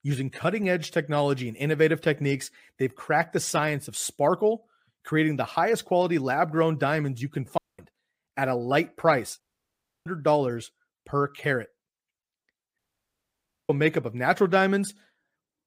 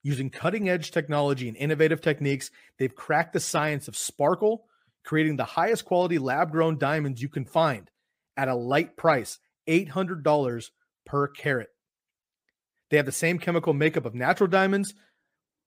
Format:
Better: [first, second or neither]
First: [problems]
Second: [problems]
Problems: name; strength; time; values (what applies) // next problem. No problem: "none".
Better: second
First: audio cutting out; at 7.5 s, at 9.5 s for 0.5 s and at 13 s for 1 s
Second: none